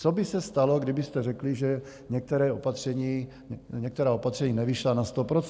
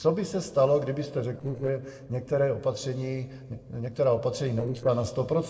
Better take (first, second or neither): first